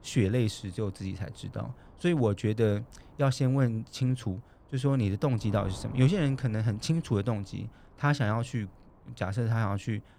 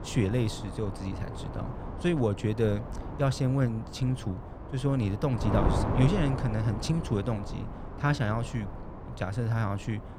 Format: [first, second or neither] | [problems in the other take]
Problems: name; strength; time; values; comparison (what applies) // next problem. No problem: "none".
first | wind noise on the microphone; heavy; 6 dB below the speech; occasional gusts in the first